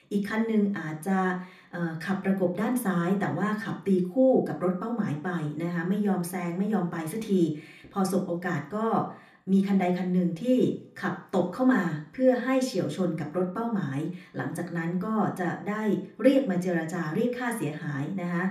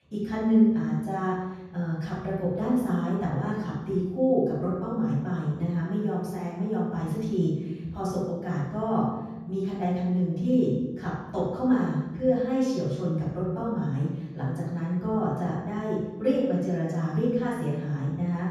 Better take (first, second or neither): first